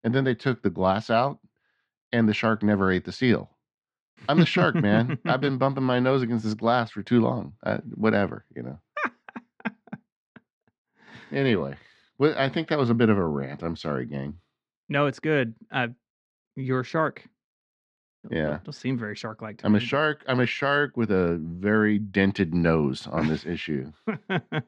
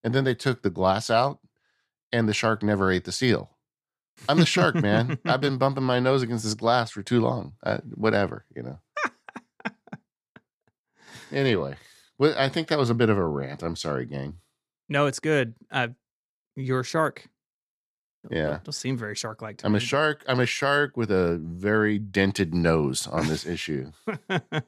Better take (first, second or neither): second